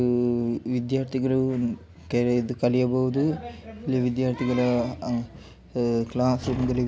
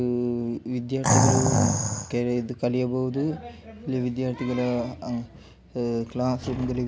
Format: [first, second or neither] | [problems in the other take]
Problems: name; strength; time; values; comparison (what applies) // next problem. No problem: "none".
first | background sound (Animal); 4 dB above the speech